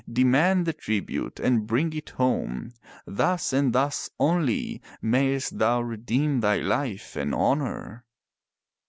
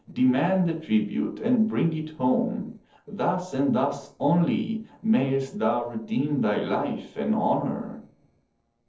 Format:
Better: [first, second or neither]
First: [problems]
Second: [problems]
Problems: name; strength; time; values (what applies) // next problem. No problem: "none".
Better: first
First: none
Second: noise reduction (neural separator model SepFormer DNS4)